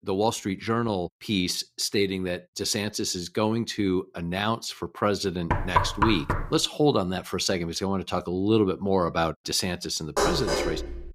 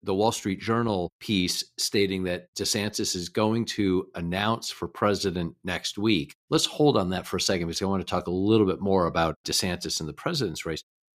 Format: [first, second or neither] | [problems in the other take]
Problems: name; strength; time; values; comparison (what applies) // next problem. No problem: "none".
second | door banging; loud; at 5.5 s; peak 3 dB above the speech // clattering dishes; loud; at 10 s; peak 1 dB above the speech